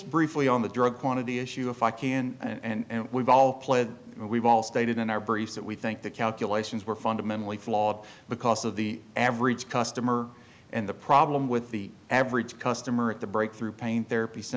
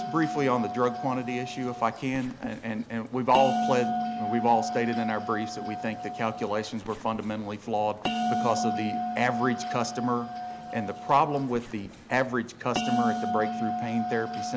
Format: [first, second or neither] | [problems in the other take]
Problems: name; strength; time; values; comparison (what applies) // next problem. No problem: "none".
first | background sound (Bell); 4 dB below the speech